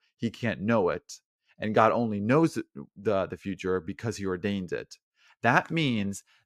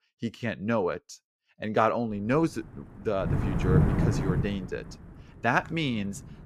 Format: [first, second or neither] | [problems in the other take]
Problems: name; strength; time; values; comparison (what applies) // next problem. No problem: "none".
first | wind noise on the microphone; heavy; from 2 s on; 5 dB below the speech